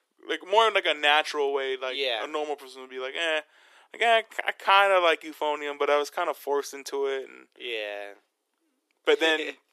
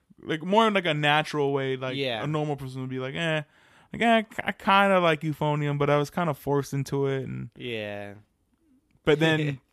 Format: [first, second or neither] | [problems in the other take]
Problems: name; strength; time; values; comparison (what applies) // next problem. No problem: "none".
second | thin; very; fading below 350 Hz